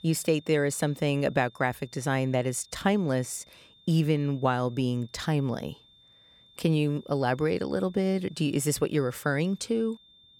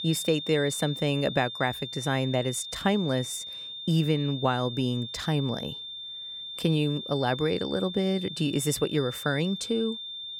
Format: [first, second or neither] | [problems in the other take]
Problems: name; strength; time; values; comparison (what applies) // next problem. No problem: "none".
first | high-pitched whine; loud; throughout; 3.5 kHz, 8 dB below the speech; faint in the first